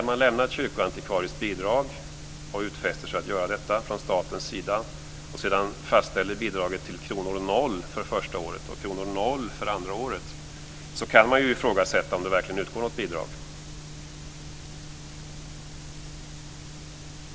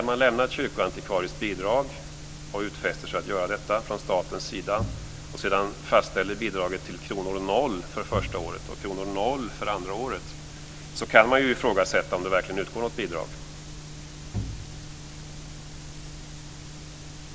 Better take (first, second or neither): first